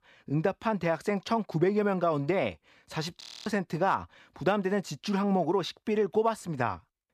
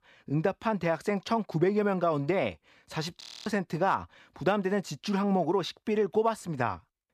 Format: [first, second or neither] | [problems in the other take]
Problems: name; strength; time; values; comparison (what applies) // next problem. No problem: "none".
neither | audio freezing; at 3 s; the same in both